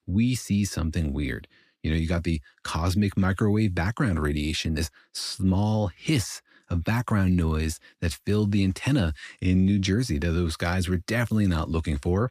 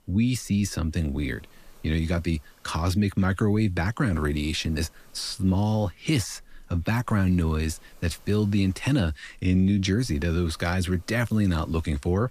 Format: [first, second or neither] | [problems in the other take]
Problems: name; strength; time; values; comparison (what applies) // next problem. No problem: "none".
first | hiss; faint; throughout; 30 dB below the speech